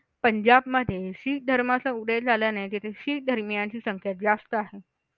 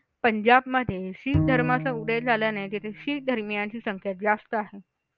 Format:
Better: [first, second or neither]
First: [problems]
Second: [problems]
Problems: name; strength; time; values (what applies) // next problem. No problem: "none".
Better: first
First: none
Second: background sound (Bowed string instrument); 5 dB below the speech